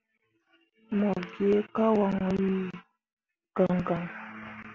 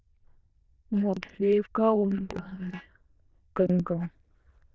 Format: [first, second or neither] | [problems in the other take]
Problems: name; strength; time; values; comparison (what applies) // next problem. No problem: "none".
first | noise reduction (neural diffusion model UNIVERSE++)